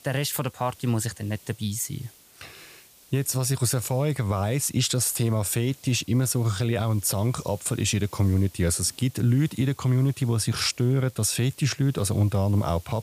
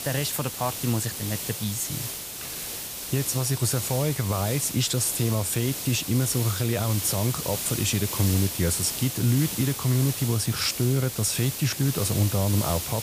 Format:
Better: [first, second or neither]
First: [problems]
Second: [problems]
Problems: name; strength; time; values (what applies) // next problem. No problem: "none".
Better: first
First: hiss; faint; throughout; 25 dB below the speech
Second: hiss; loud; throughout; 5 dB below the speech